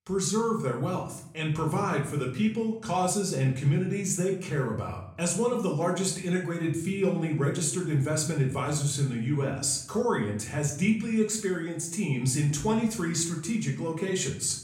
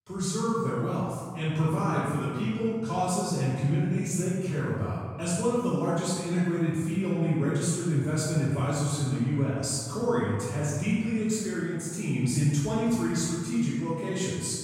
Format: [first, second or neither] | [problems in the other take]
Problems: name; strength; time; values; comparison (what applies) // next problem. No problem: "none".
first | room echo; strong; dies away in 2 s; slight in the first // off-mic speech; far; somewhat distant in the first